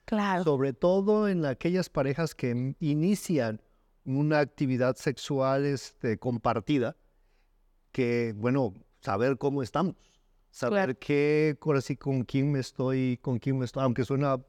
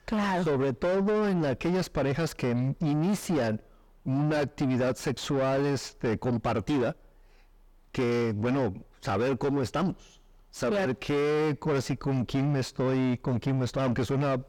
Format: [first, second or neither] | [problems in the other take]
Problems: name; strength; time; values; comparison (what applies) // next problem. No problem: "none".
first | distortion; heavy; 7 dB below the speech